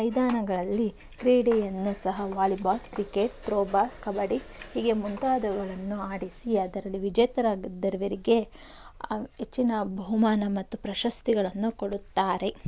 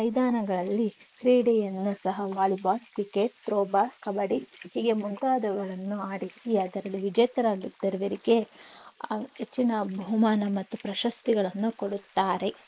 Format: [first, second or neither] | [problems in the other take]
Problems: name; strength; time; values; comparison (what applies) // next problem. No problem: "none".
first | noise reduction (neural mask model Resemble Enhance denoiser)